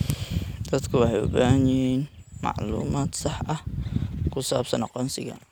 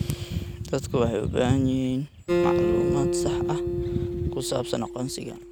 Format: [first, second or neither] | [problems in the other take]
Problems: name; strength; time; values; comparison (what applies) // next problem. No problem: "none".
first | background sound (Acoustic guitar); 1 dB below the speech